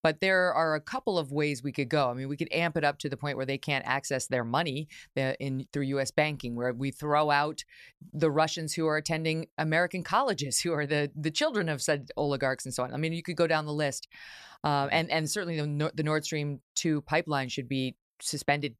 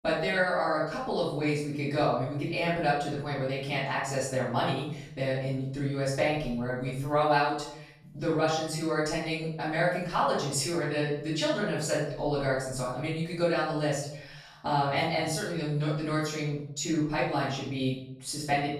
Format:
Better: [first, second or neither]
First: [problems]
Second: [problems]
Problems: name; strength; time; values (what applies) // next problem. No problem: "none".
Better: first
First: none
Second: off-mic speech; far // room echo; noticeable; dies away in 0.7 s